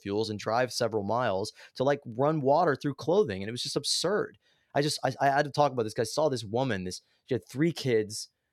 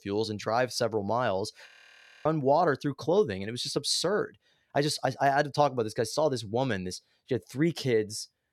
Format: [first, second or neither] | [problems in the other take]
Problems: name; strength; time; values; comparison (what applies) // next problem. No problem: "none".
first | audio freezing; at 1.5 s for 0.5 s